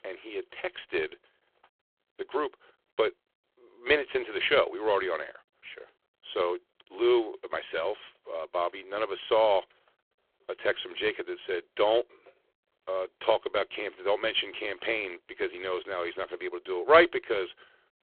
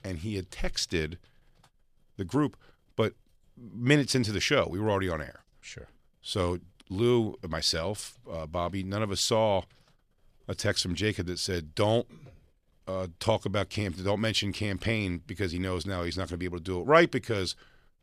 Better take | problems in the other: second | phone-call audio; poor line

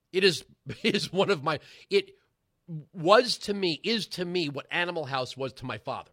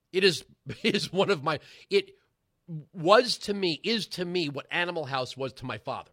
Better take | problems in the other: neither | none

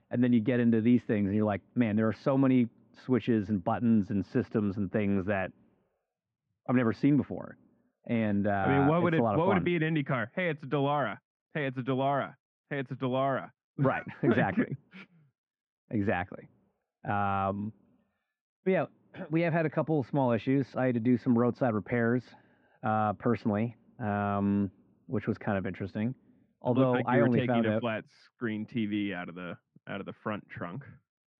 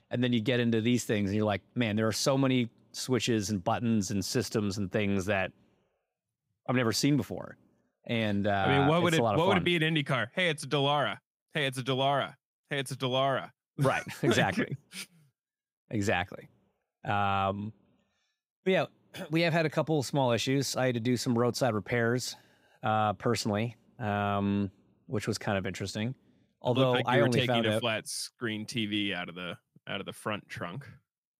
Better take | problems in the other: second | muffled; very; fading above 2 kHz

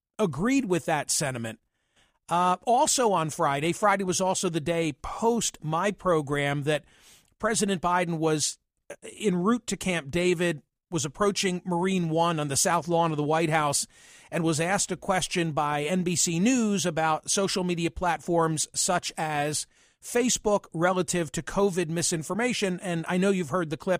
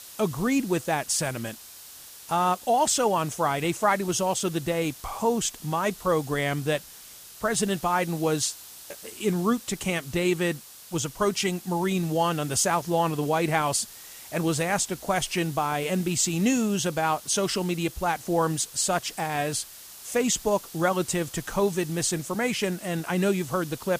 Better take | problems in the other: first | hiss; noticeable; throughout; 15 dB below the speech

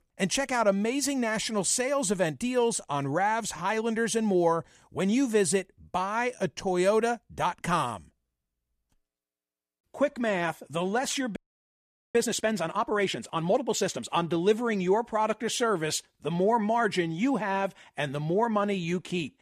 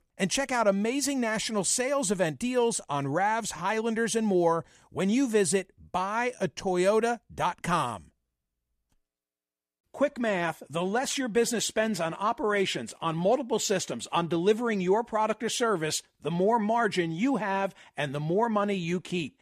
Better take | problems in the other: second | audio freezing; at 11 s for 1 s

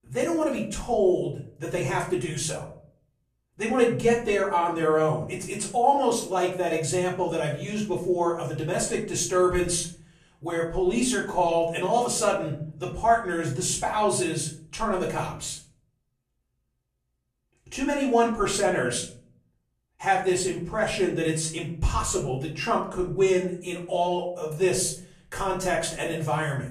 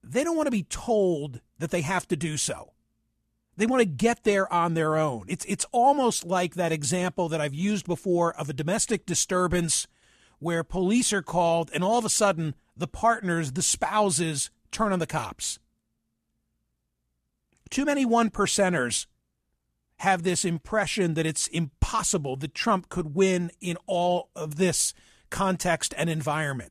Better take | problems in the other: second | off-mic speech; far // room echo; slight; dies away in 0.5 s

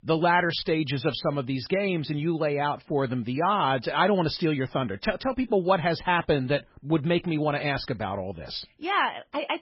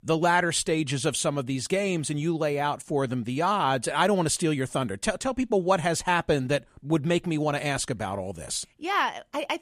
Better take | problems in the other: second | garbled, watery; badly; nothing above 5.5 kHz

